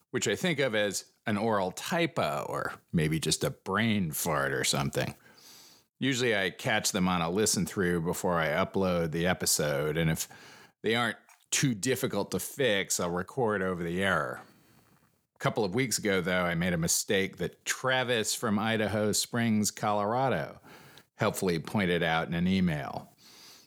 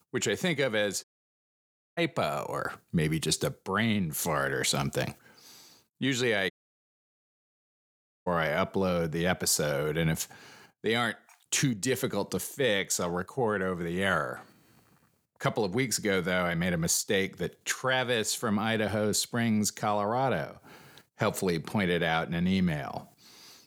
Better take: first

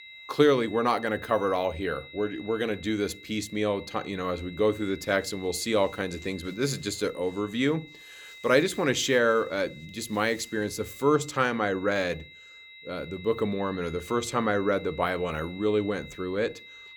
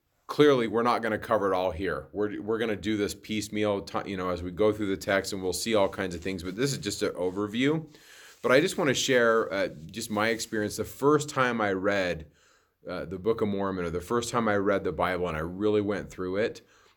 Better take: second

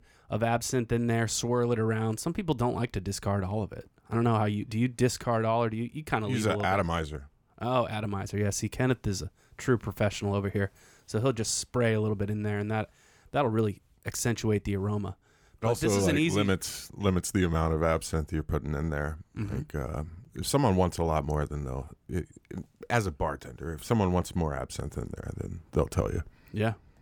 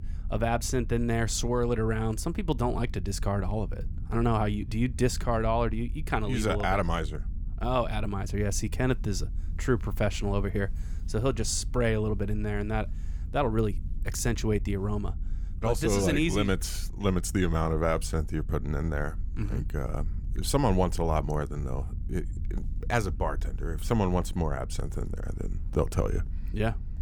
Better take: first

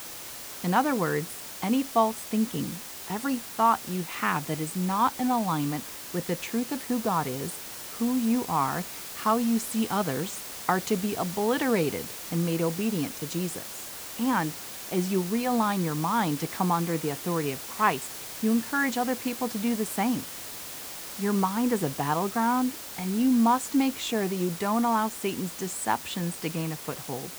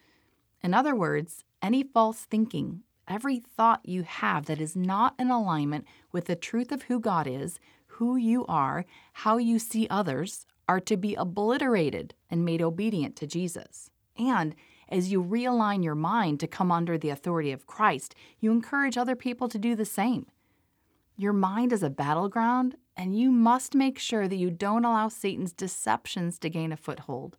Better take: second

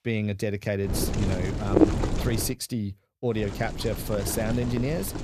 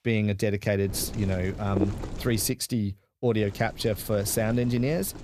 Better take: second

